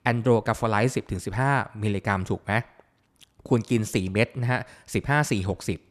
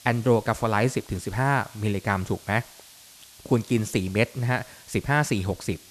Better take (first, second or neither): first